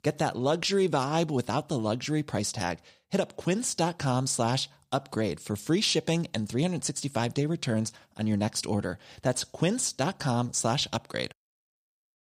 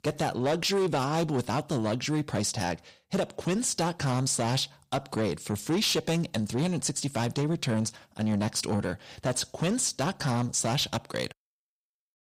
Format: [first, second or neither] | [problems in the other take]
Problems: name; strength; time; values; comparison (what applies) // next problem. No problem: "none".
first | distortion; slight; 10 dB below the speech